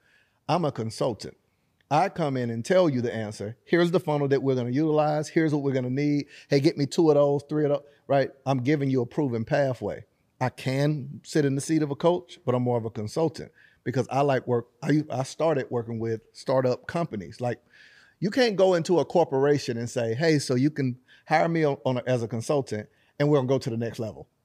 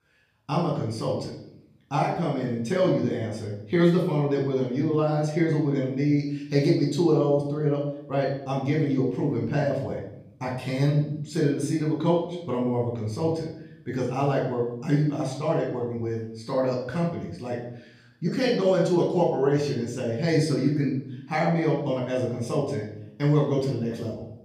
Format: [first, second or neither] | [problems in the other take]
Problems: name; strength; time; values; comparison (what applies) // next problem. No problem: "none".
first | off-mic speech; far // room echo; noticeable; dies away in 0.7 s